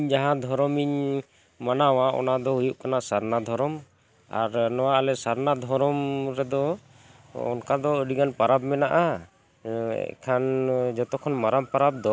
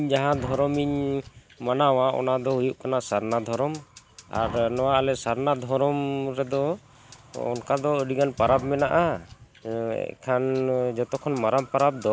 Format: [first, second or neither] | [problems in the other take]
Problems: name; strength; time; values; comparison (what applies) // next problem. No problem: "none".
first | background sound (Fire); 19 dB below the speech